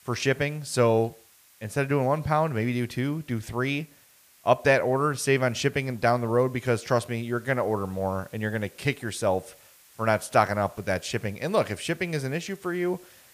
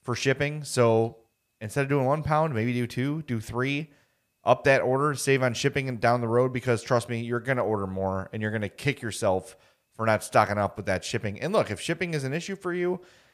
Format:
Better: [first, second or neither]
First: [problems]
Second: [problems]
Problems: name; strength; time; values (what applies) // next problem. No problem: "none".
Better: second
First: hiss; faint; throughout; 25 dB below the speech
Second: none